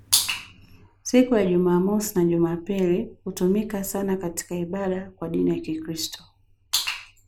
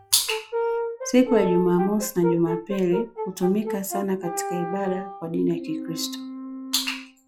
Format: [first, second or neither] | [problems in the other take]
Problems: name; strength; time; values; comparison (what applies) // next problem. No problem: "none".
first | noise reduction (classical method log-MMSE)